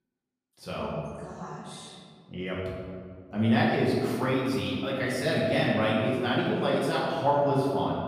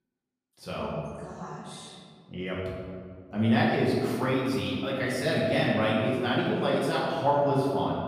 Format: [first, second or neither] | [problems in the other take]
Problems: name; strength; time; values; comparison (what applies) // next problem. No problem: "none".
neither | room echo; noticeable; dies away in 1.9 s; the same in both // off-mic speech; far; the same in both